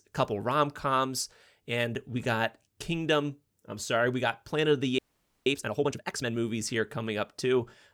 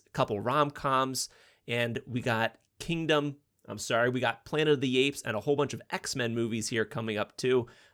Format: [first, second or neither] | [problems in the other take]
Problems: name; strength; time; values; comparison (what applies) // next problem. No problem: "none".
second | audio freezing; at 5 s